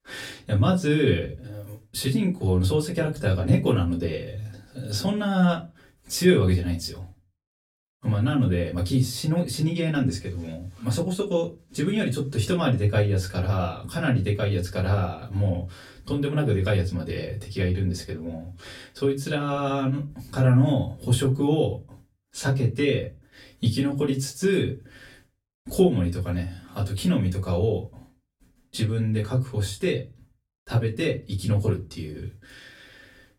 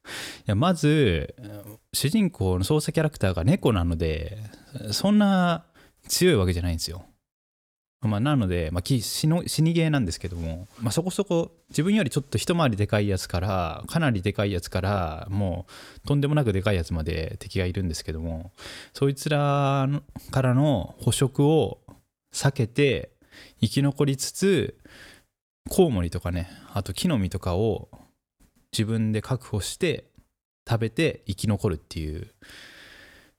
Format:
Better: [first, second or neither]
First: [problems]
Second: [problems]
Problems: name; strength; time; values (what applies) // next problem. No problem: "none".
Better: second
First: off-mic speech; far // room echo; very slight; dies away in 0.2 s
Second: none